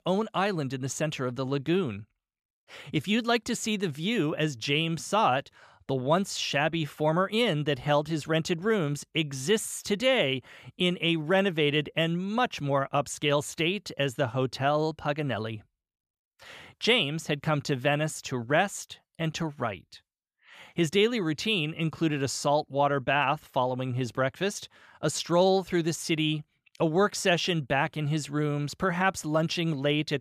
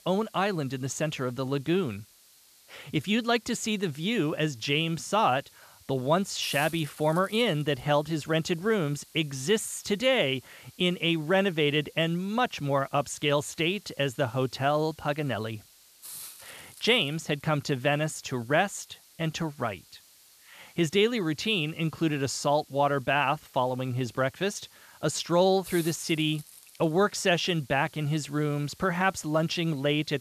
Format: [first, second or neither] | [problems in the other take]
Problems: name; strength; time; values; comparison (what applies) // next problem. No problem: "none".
first | hiss; faint; throughout; 25 dB below the speech